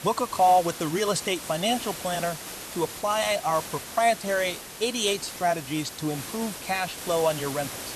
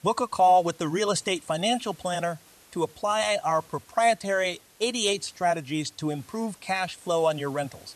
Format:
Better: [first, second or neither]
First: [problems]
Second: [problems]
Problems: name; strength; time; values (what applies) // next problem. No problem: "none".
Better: second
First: hiss; loud; throughout; 10 dB below the speech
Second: hiss; faint; throughout; 25 dB below the speech